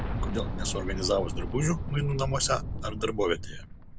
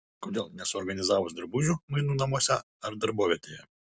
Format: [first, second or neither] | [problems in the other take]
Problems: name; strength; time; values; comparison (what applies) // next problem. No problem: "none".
second | background sound (Boom); 3 dB below the speech